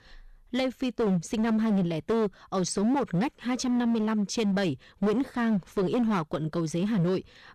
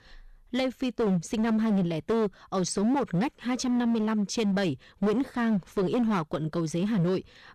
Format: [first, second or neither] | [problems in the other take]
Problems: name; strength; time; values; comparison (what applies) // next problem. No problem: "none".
neither | distortion; slight; 14% of the sound clipped; the same in both